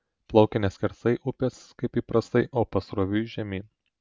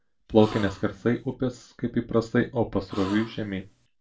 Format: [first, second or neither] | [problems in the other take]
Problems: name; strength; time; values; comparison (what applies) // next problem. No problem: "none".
first | background sound (Gasp); 16 dB below the speech // room echo; dies away in 0.2 s